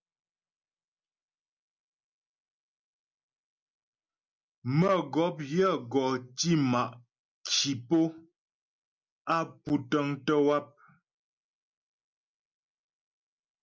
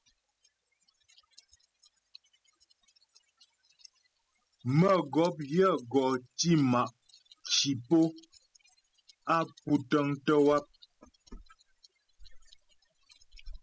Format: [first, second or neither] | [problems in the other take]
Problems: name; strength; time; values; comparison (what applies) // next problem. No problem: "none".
first | noise reduction (classical method spectral subtraction)